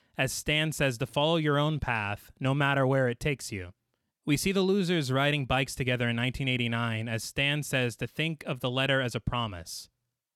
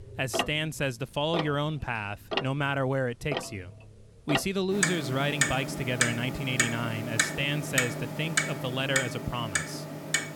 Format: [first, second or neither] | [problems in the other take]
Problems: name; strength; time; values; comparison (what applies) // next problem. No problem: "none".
first | household noises; very loud; throughout; as loud as the speech